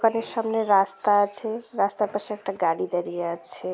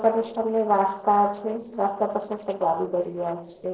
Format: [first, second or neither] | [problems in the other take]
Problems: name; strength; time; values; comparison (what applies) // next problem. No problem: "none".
first | noise reduction (neural separator model SepFormer DNS4)